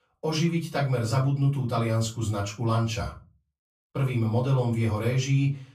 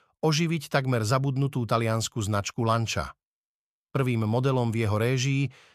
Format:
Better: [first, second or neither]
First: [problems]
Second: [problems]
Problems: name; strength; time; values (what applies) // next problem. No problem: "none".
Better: second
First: off-mic speech; far // room echo; slight; dies away in 0.3 s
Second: none